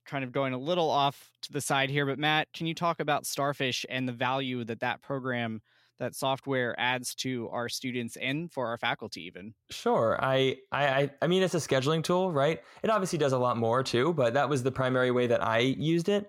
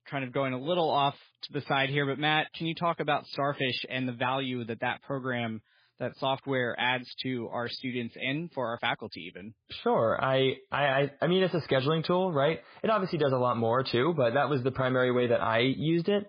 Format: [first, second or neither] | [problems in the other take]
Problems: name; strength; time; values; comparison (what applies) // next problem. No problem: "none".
first | garbled, watery; badly